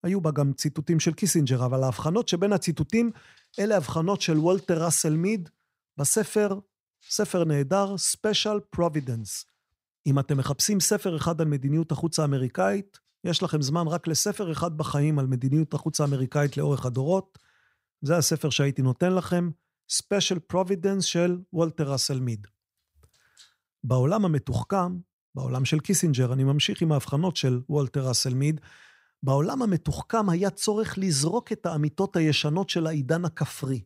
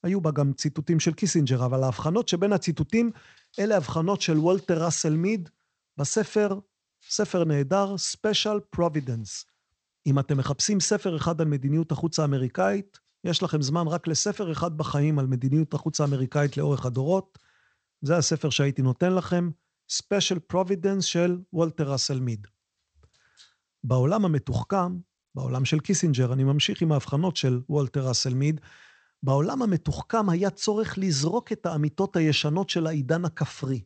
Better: first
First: none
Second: garbled, watery; slightly; nothing above 8 kHz

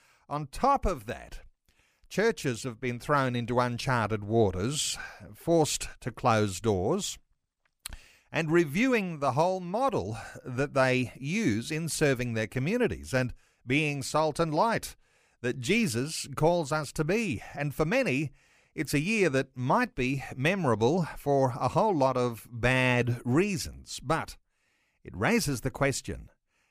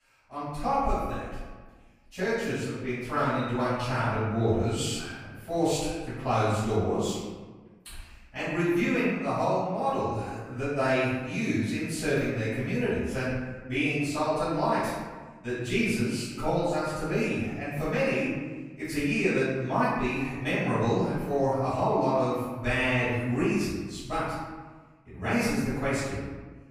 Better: first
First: none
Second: off-mic speech; far // room echo; strong; dies away in 1.2 s

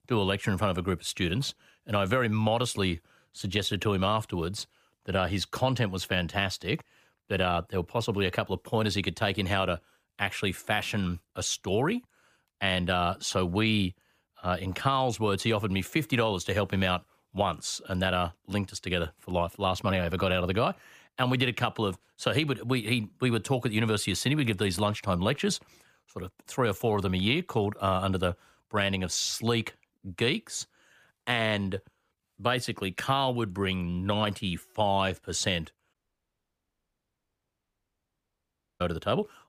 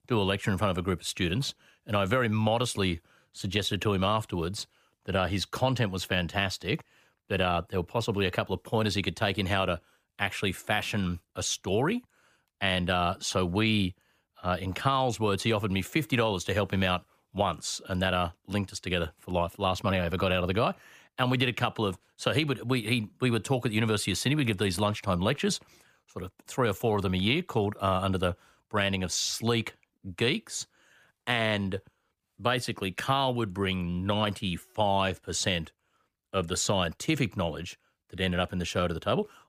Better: second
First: audio cutting out; at 36 s for 3 s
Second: none

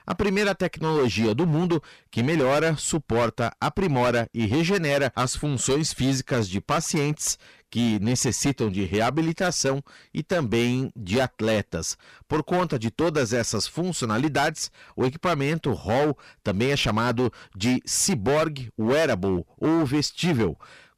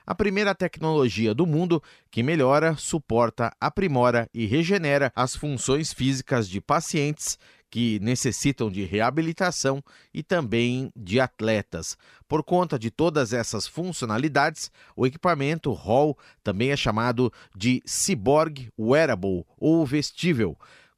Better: second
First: distortion; heavy; 14% of the sound clipped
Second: none

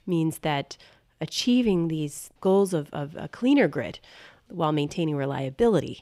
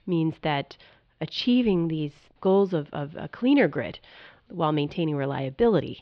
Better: first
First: none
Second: muffled; very slightly; fading above 4.5 kHz

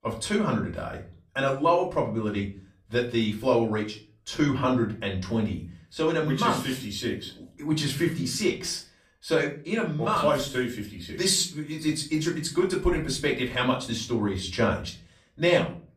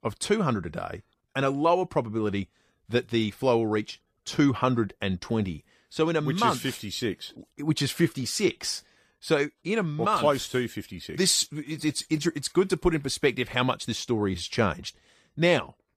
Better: second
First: off-mic speech; far // room echo; very slight; dies away in 0.3 s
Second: none

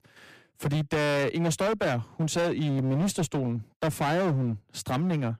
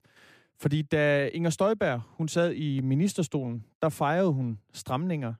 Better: second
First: distortion; heavy; 23% of the sound clipped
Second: none

